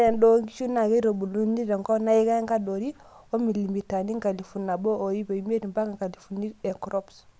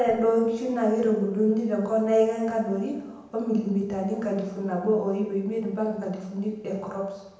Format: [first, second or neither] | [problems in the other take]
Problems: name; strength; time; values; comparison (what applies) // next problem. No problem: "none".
first | room echo; dies away in 0.9 s